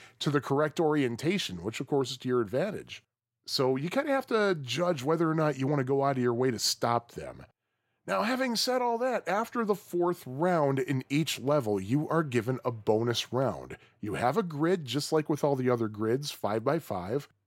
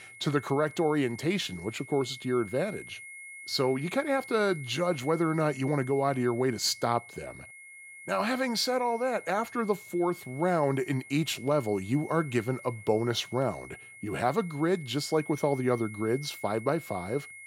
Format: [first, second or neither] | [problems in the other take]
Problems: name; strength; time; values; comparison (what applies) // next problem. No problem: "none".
first | high-pitched whine; noticeable; throughout; 2 kHz, 15 dB below the speech